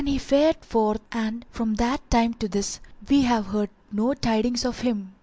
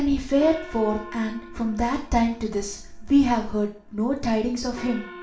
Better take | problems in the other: first | background sound (Gong); 19 dB below the speech // room echo; dies away in 0.5 s

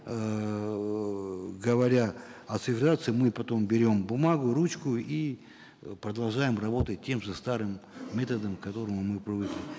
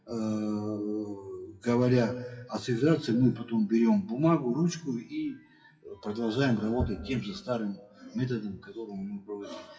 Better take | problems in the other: first | noise reduction (classical method WPE with log-MMSE)

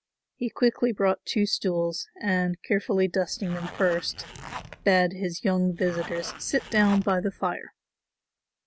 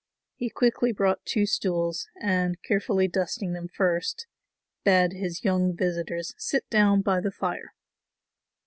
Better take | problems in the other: second | background sound (Zipper (clothing)); 14 dB below the speech

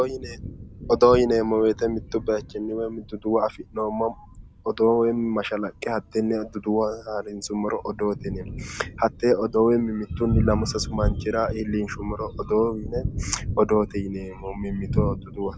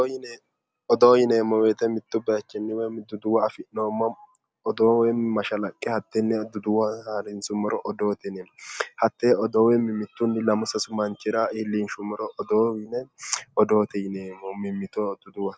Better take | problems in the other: second | background sound (Thunder); 8 dB below the speech

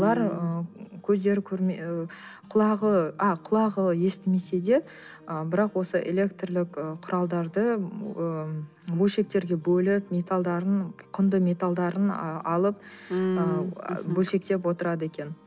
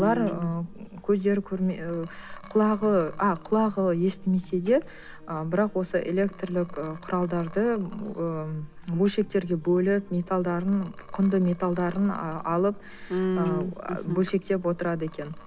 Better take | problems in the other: first | background sound (Liquid); 17 dB below the speech

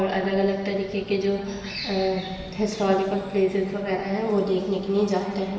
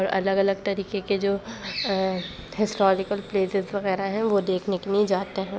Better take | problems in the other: second | room echo; dies away in 1.2 s

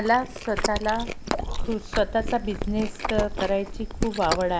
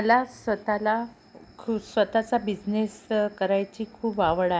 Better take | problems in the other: second | background sound (Chewing, mastication); 3 dB below the speech

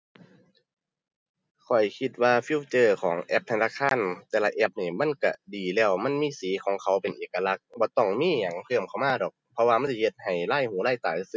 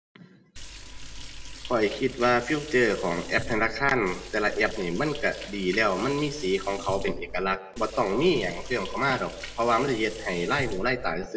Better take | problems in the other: first | background sound (Liquid); 11 dB below the speech // room echo; dies away in 0.9 s

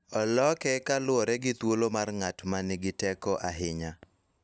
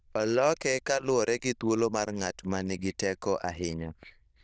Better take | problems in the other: first | noise reduction (neural diffusion model UNIVERSE++)

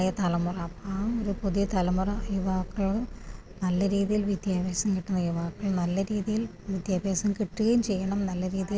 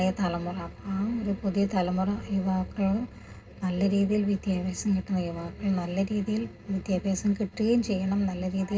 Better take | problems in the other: first | room echo; dies away in 0.2 s

